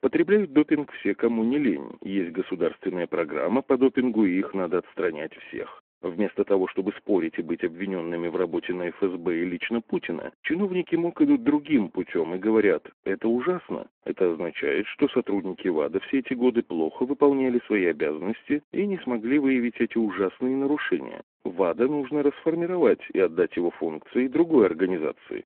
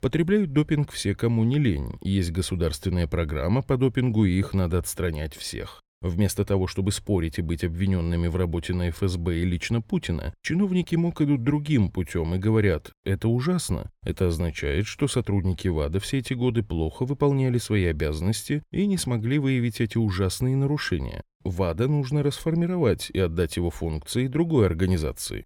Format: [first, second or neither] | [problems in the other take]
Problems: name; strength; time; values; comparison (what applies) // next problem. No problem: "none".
second | phone-call audio